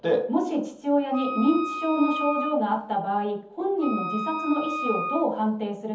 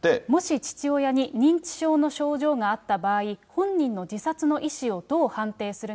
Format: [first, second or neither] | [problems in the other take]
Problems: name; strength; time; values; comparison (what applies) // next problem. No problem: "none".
second | background sound (Wind instrument, woodwind instrument); 7 dB below the speech // room echo; dies away in 0.7 s